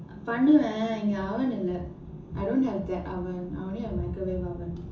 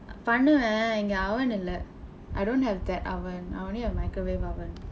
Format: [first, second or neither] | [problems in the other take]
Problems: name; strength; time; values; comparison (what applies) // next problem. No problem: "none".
second | room echo; dies away in 0.7 s